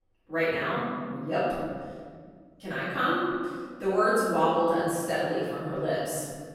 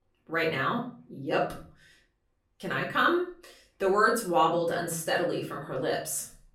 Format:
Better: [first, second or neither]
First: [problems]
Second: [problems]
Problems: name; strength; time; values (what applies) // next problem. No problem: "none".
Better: second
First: room echo; strong; dies away in 1.9 s // off-mic speech; far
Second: room echo; slight; dies away in 0.4 s // off-mic speech; far